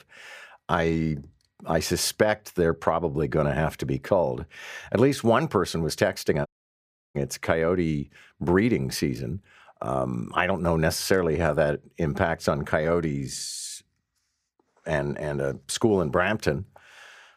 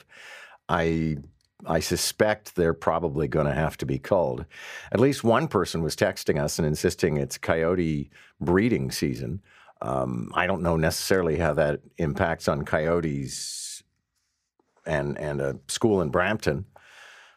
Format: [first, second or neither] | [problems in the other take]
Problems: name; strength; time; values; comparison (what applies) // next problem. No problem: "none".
second | audio cutting out; at 6.5 s for 0.5 s